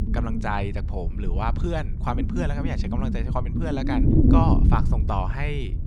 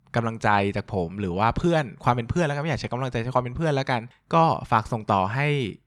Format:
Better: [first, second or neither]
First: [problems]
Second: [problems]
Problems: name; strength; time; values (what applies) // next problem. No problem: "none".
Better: second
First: wind noise on the microphone; heavy; 2 dB below the speech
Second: none